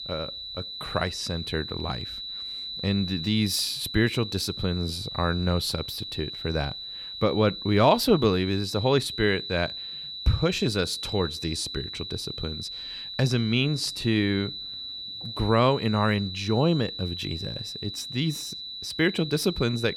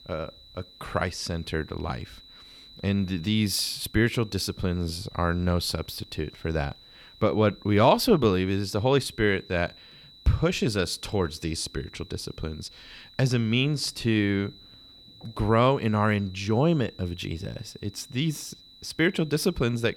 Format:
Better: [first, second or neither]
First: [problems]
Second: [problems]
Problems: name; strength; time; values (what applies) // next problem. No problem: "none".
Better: second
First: high-pitched whine; loud; throughout; 4 kHz, 7 dB below the speech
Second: high-pitched whine; faint; throughout; 4 kHz, 20 dB below the speech